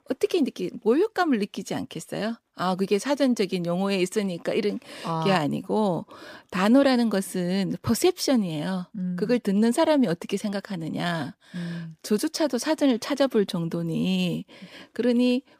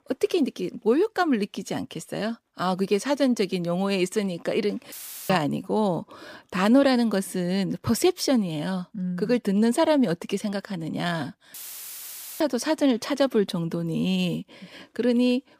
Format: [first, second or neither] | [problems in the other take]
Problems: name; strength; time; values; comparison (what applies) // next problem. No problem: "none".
first | audio cutting out; filled with static; at 5 s and at 12 s for 1 s